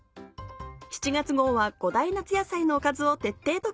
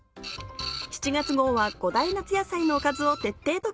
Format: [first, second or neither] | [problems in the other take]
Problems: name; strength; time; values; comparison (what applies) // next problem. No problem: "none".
first | background sound (Printer); 12 dB below the speech